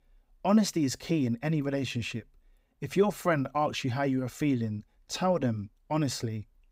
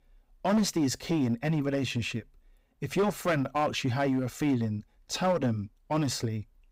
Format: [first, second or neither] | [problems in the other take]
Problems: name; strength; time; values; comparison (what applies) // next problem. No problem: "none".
first | distortion; slight; 7% of the sound clipped